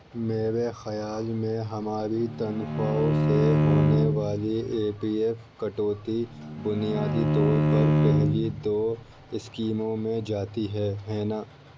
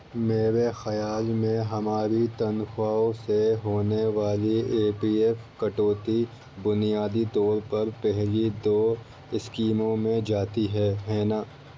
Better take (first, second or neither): second